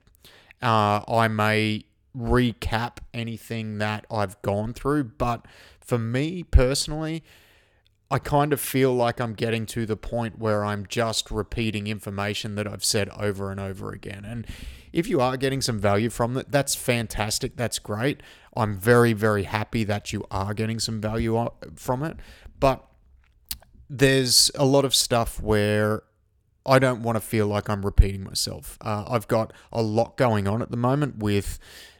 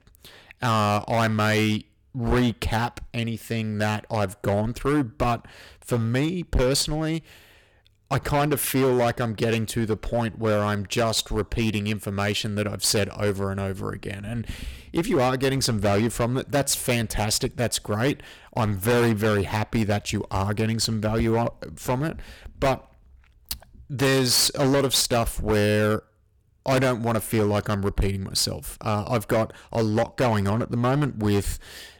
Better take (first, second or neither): first